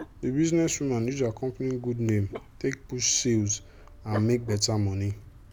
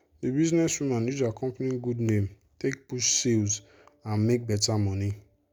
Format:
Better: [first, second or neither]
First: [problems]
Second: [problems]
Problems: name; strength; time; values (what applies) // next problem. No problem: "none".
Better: second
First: background sound (Dog); 17 dB below the speech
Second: none